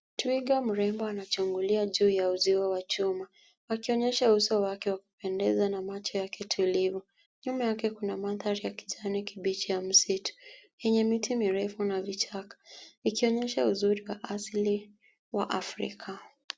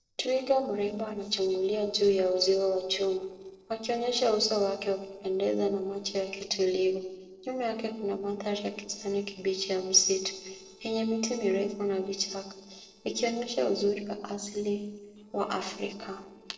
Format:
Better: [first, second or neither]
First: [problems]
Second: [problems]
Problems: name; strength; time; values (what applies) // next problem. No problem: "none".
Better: first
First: none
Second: noise reduction (neural separator model SepFormer DNS4)